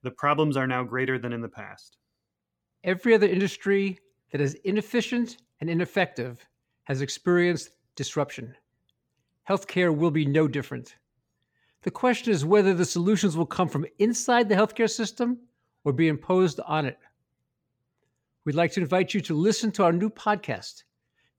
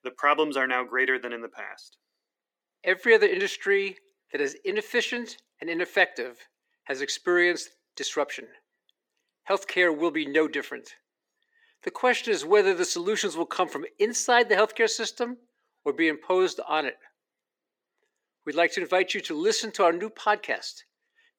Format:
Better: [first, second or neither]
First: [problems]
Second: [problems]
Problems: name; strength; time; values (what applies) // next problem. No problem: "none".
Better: first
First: none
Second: thin; very; fading below 350 Hz